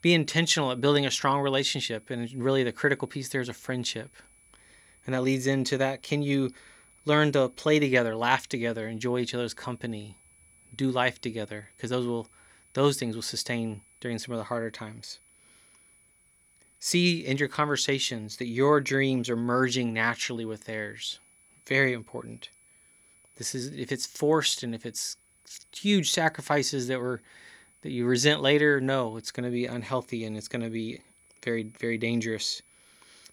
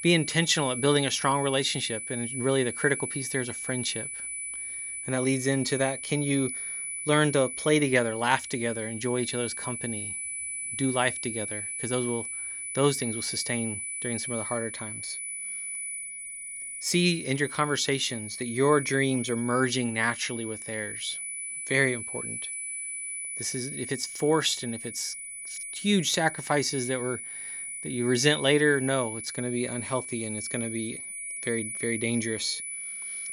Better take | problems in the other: first | high-pitched whine; loud; throughout; 10 kHz, 6 dB below the speech; faint in the first

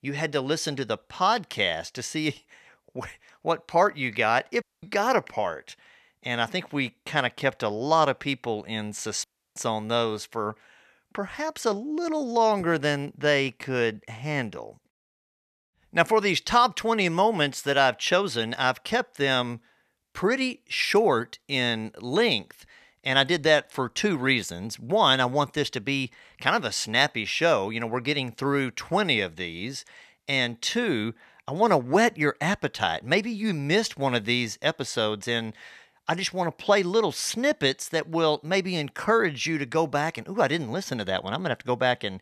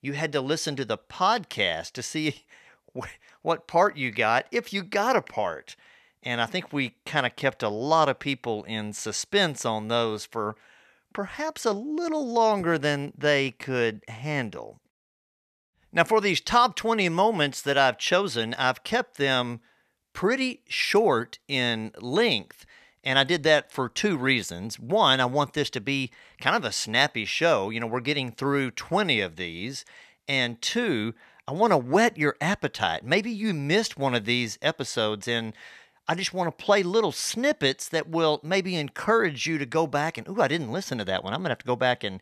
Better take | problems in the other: second | audio cutting out; at 4.5 s and at 9 s

